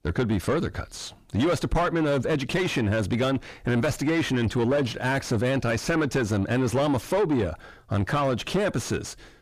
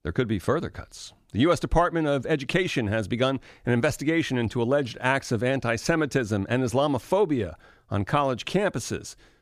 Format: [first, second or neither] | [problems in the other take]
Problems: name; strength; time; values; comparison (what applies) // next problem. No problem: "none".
second | distortion; heavy; 7 dB below the speech